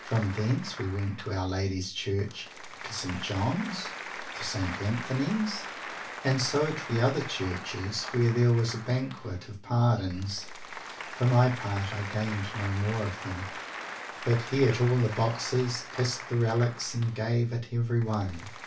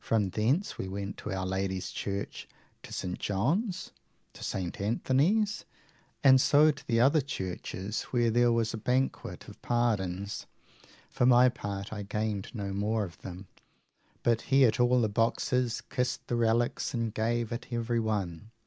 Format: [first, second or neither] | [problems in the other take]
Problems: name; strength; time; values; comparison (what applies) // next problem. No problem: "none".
second | background sound (Applause); 12 dB below the speech // room echo; dies away in 0.3 s